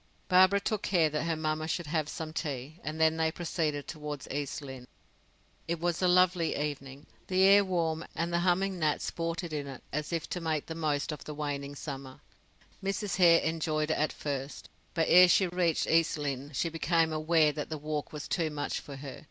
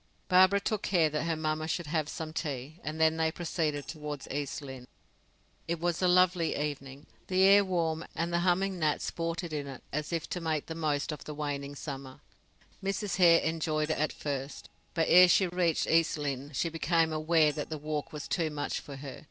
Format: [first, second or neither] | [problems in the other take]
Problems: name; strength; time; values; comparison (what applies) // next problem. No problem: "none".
first | noise reduction (neural separator model SepFormer DNS4)